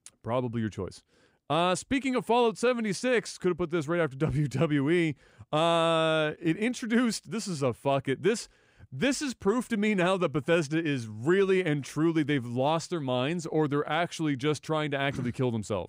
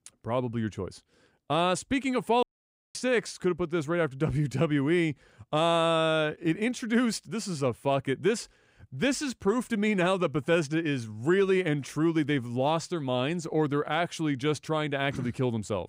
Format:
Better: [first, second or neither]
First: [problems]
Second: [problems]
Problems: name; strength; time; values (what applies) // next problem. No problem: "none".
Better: first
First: none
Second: audio cutting out; at 2.5 s for 0.5 s